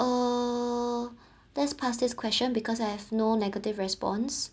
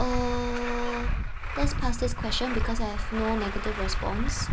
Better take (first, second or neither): first